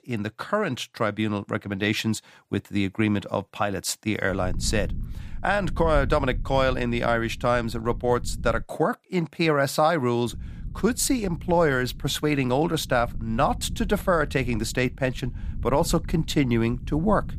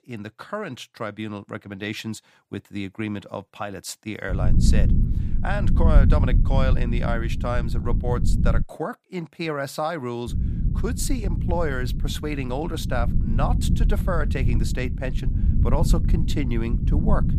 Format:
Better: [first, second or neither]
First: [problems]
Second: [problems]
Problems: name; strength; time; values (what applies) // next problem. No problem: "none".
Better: first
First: low rumble; faint; from 4.5 to 8.5 s and from 10 s on; 25 dB below the speech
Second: low rumble; loud; from 4.5 to 8.5 s and from 10 s on; 7 dB below the speech